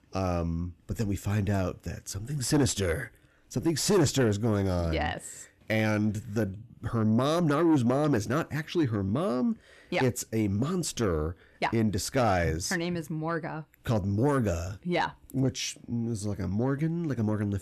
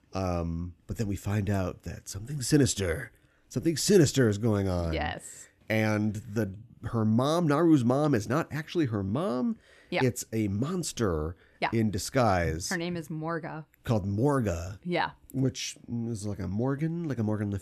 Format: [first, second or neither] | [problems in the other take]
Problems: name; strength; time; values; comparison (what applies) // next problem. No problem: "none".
second | distortion; slight; 10 dB below the speech